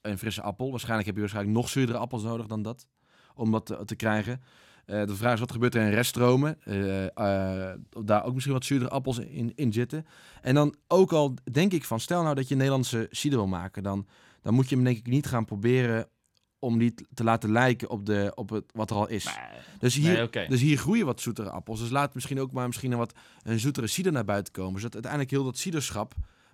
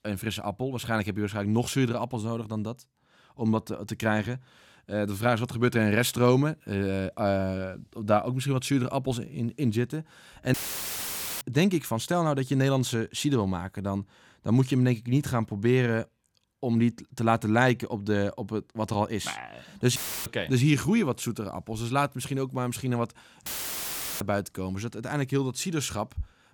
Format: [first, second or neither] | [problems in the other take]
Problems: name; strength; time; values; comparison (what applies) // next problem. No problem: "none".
first | audio cutting out; filled with static; at 11 s for 1 s, at 20 s and at 23 s for 1 s